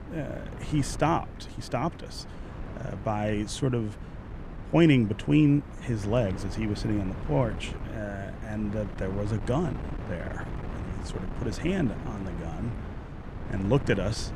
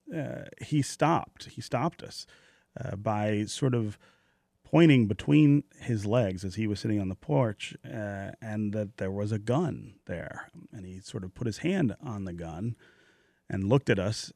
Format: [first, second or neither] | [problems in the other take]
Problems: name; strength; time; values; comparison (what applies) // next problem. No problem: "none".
second | wind noise on the microphone; occasional gusts; 10 dB below the speech